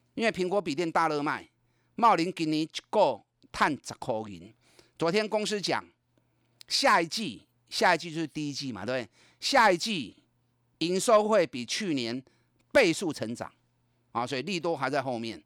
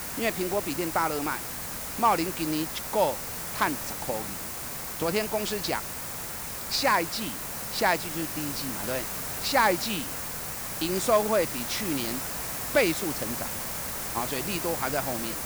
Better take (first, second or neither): first